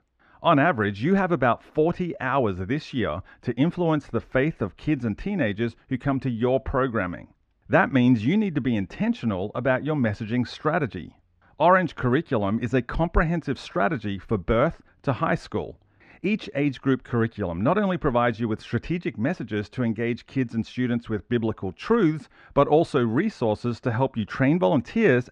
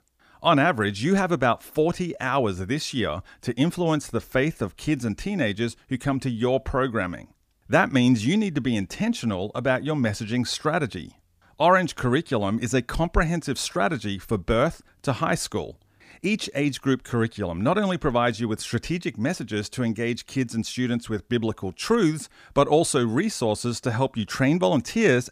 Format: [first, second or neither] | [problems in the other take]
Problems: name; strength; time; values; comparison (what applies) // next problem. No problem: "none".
second | muffled; slightly; fading above 2.5 kHz